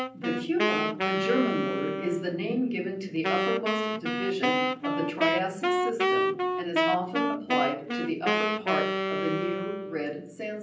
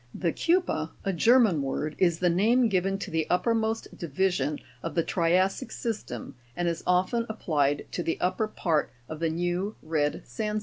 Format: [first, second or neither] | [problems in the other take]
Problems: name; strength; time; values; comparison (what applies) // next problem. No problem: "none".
second | background sound (Wind instrument, woodwind instrument); 2 dB above the speech // room echo; dies away in 0.6 s